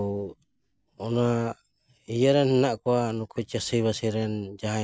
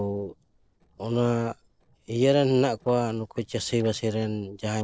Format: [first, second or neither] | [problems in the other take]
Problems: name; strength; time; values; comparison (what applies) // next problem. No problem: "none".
first | noise reduction (neural separator model SepFormer DNS4)